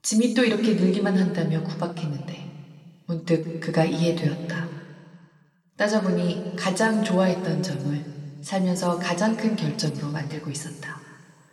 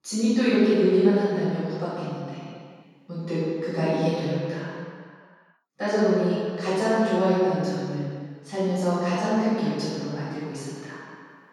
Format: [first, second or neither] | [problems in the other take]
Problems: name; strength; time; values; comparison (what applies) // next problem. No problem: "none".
first | room echo; strong; dies away in 2.2 s; slight in the first // off-mic speech; far